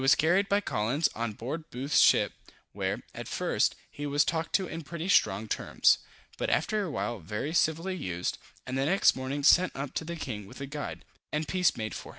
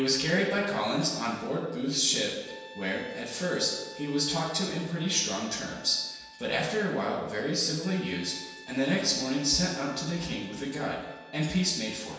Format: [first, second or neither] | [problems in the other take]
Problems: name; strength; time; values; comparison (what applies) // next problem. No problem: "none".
first | background sound (Brass instrument); 20 dB below the speech // room echo; dies away in 1.2 s